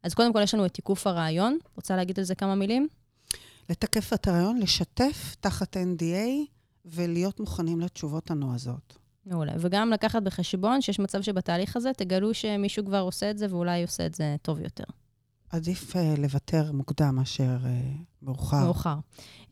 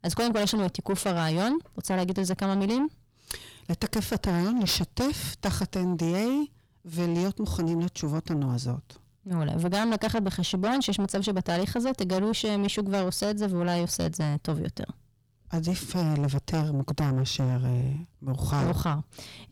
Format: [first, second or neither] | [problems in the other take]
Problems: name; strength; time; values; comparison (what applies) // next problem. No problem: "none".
first | distortion; heavy; 7 dB below the speech